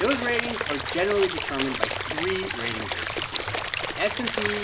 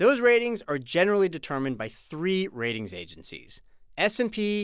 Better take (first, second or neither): second